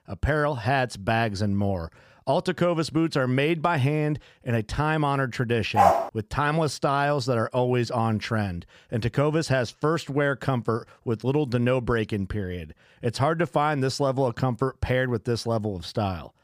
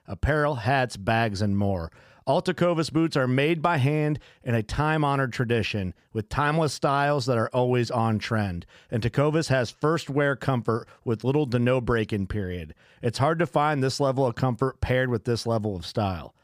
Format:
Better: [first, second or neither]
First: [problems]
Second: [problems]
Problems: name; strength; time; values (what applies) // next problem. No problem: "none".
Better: second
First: dog barking; loud; at 6 s; peak 6 dB above the speech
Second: none